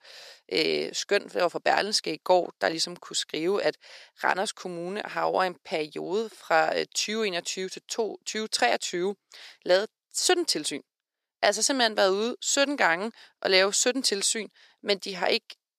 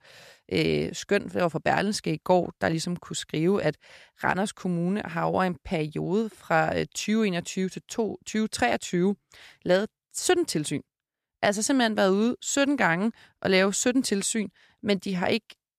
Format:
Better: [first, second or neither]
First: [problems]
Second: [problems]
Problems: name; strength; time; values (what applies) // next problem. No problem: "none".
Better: second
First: thin; somewhat; fading below 450 Hz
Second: none